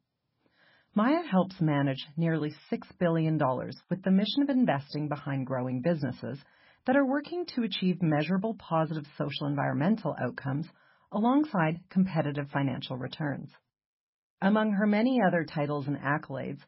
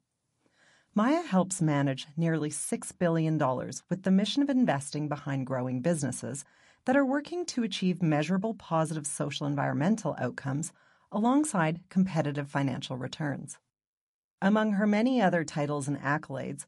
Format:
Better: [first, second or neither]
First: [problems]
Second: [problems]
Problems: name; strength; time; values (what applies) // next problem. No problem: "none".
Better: second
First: garbled, watery; badly; nothing above 5.5 kHz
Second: garbled, watery; slightly; nothing above 11 kHz